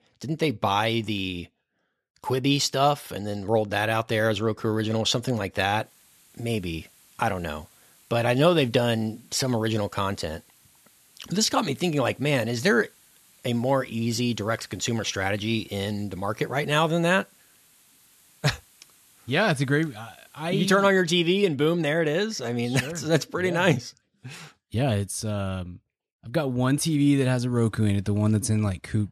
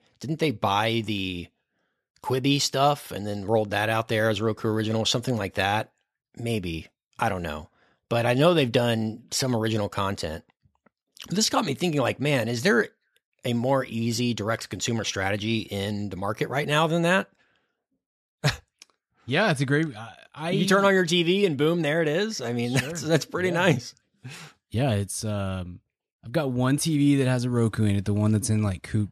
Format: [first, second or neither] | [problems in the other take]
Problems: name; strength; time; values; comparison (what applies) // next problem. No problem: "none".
second | hiss; faint; from 6 to 21 s; 30 dB below the speech